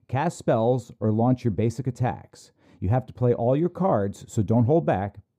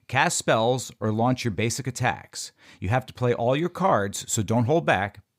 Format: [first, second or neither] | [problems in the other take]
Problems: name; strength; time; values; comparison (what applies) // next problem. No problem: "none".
second | muffled; slightly; fading above 1 kHz